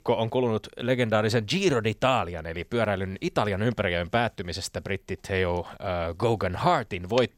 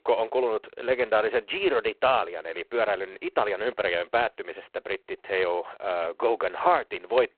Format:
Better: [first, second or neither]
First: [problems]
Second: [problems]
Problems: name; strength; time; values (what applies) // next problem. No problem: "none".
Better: first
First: none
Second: phone-call audio; poor line